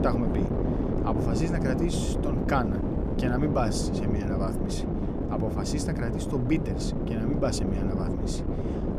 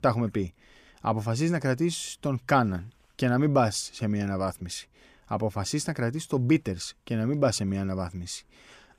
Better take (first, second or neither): second